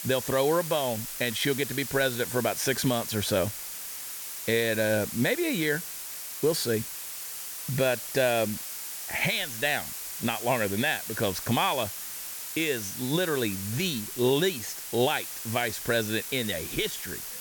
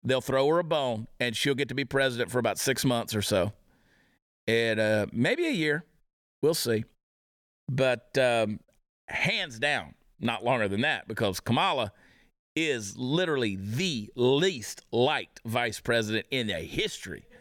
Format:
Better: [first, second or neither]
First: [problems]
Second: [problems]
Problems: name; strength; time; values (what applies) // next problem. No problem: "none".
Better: second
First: hiss; loud; throughout; 6 dB below the speech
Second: none